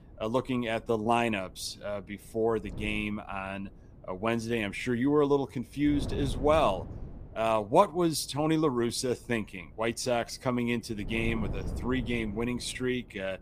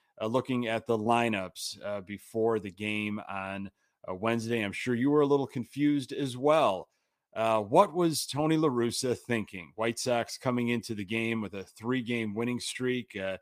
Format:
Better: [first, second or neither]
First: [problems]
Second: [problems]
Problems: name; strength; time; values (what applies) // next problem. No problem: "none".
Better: second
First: wind noise on the microphone; occasional gusts; 20 dB below the speech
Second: none